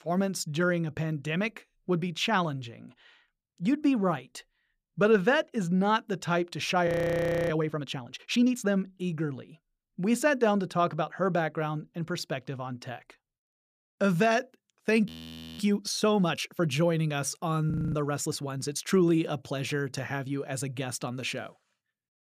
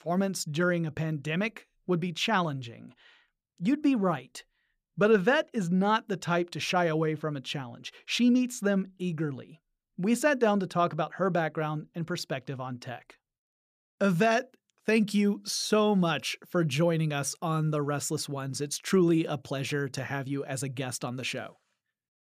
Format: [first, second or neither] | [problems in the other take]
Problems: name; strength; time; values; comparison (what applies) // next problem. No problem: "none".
second | audio freezing; at 7 s for 0.5 s, at 15 s for 0.5 s and at 18 s